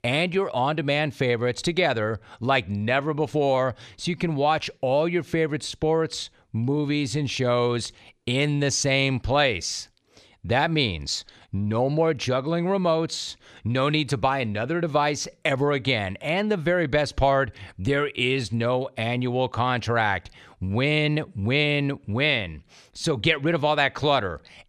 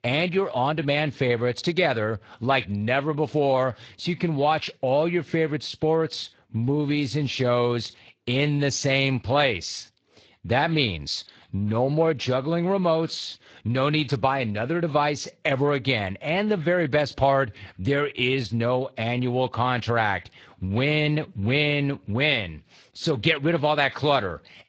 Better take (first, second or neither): first